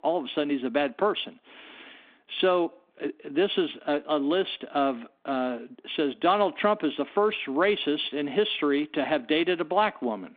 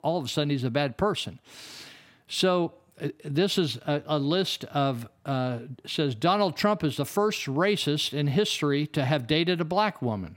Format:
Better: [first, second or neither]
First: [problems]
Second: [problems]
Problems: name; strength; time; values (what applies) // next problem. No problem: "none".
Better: second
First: phone-call audio; nothing above 3.5 kHz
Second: none